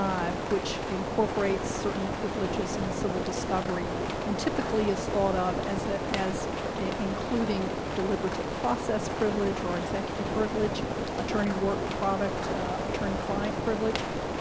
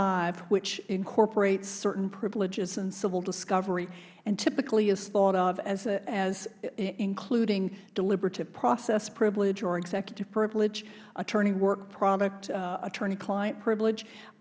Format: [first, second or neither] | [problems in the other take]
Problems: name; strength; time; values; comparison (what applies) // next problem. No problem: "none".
second | background sound (Rain); as loud as the speech